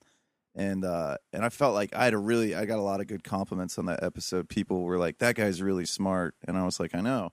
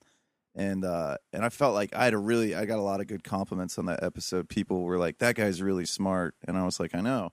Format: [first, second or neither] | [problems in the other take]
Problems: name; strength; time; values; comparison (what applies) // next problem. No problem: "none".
neither | none